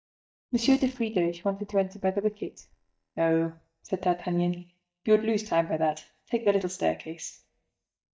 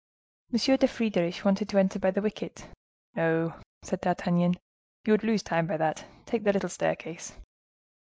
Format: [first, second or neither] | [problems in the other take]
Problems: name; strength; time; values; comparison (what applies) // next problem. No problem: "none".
second | noise reduction (neural mask model DeepFilterNet 3)